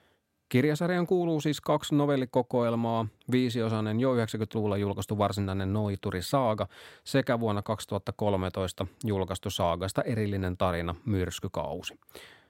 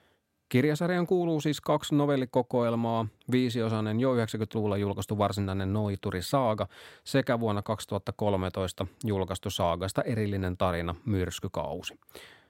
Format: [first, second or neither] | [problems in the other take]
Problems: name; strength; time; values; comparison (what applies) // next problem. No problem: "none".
neither | none